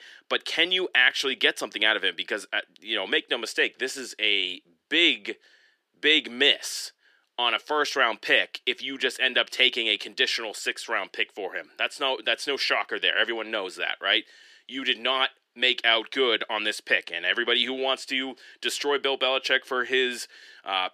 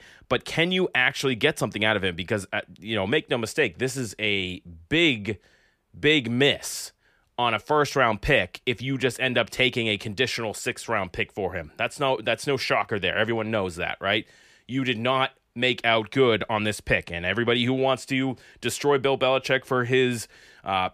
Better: second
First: thin; somewhat; fading below 300 Hz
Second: none

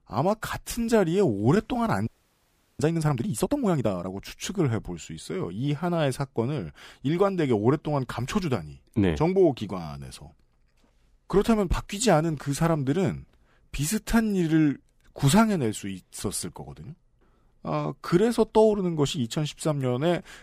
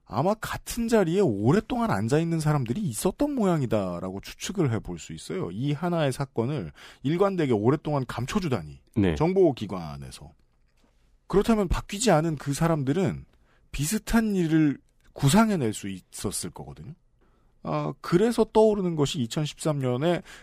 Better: second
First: audio freezing; at 2 s for 0.5 s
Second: none

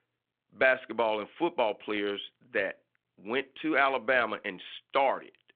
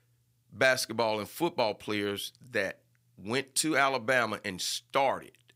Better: second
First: phone-call audio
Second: none

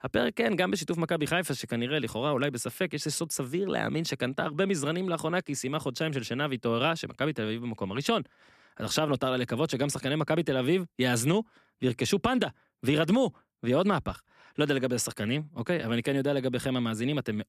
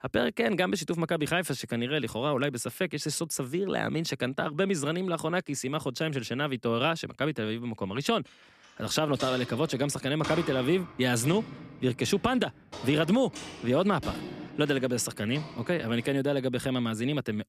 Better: first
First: none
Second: footsteps; noticeable; from 9 to 16 s; peak 7 dB below the speech

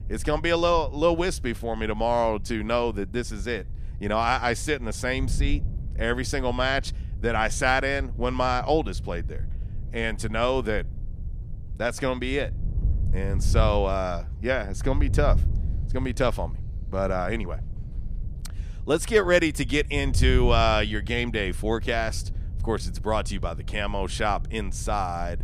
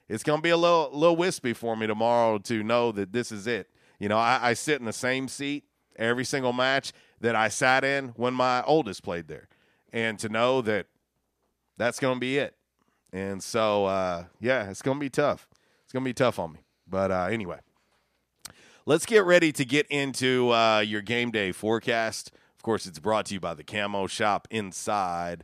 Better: second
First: wind noise on the microphone; occasional gusts; 20 dB below the speech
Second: none

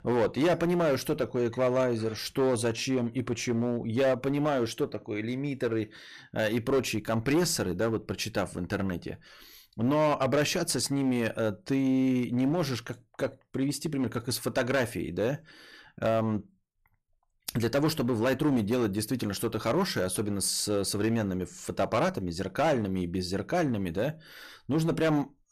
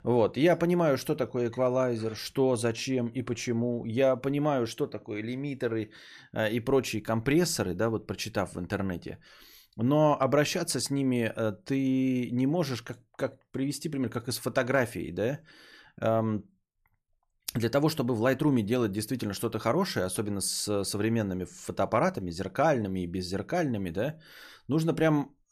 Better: second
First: distortion; slight; 7% of the sound clipped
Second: none

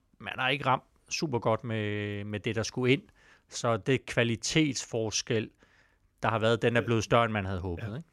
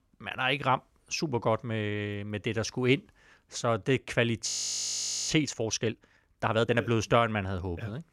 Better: first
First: none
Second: audio freezing; at 4.5 s for 1 s

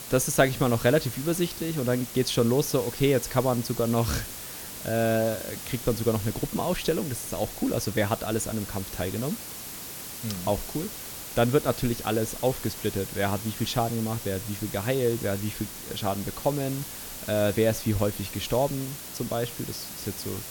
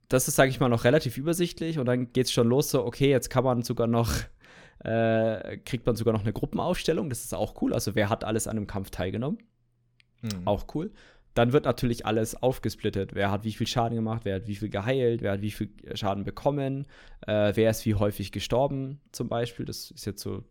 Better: second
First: hiss; loud; throughout; 9 dB below the speech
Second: none

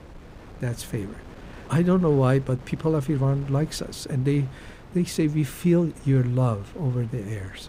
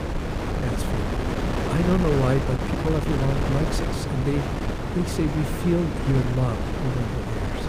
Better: first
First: wind noise on the microphone; occasional gusts; 20 dB below the speech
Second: wind noise on the microphone; heavy; 1 dB above the speech

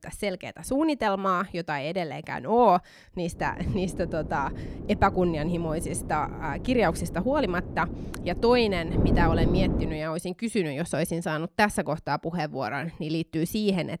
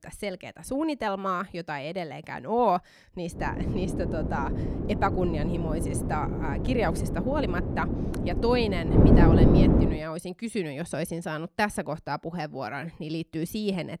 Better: first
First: wind noise on the microphone; occasional gusts; from 3.5 to 10 s; 10 dB below the speech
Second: wind noise on the microphone; heavy; from 3.5 to 10 s; 1 dB below the speech

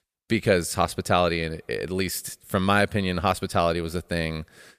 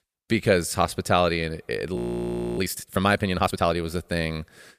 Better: first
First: none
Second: audio freezing; at 2 s for 0.5 s

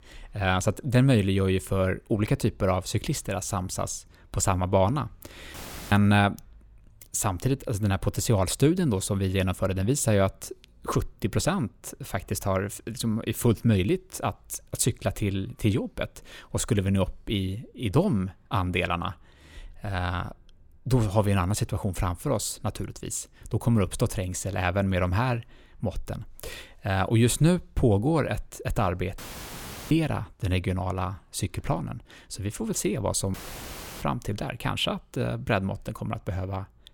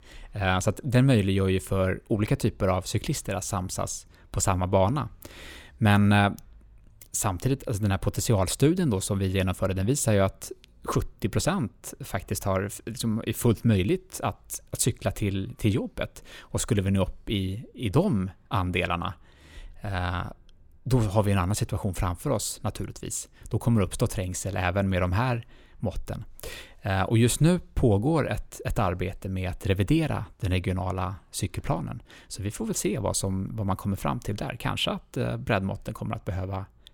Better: second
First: audio cutting out; filled with static; at 5.5 s, at 29 s for 0.5 s and at 33 s for 0.5 s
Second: none

